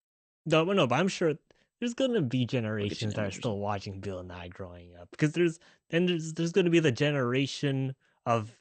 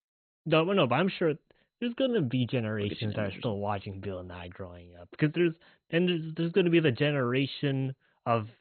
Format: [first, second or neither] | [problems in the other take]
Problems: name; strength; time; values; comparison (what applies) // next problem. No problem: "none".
first | garbled, watery; badly; nothing above 4 kHz; slightly in the first